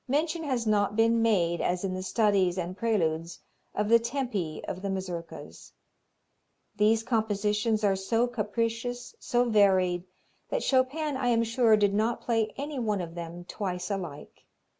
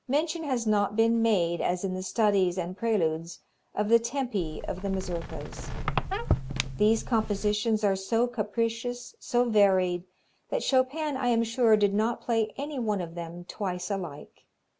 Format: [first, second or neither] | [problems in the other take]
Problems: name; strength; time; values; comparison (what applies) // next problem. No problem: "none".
first | background sound (Squeak); 4 dB below the speech